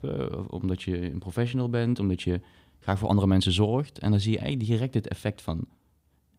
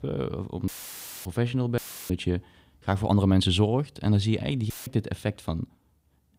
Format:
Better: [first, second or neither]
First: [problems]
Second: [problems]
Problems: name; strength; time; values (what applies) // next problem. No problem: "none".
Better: first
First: none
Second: audio cutting out; filled with static; at 0.5 s for 0.5 s, at 2 s and at 4.5 s